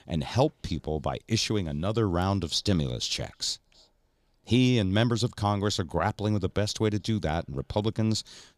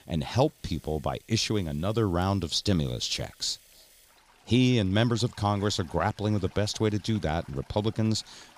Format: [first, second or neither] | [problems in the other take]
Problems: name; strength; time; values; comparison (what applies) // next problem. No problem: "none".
first | household noises; faint; throughout; 25 dB below the speech